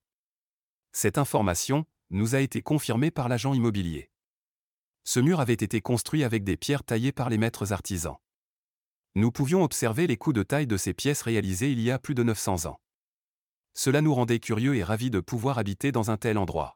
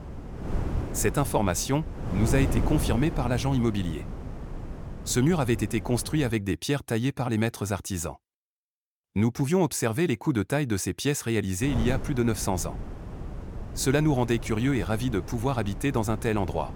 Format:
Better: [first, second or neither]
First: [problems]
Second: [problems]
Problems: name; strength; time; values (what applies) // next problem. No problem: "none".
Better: first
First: none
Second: wind noise on the microphone; occasional gusts; until 6.5 s and from 12 s on; 10 dB below the speech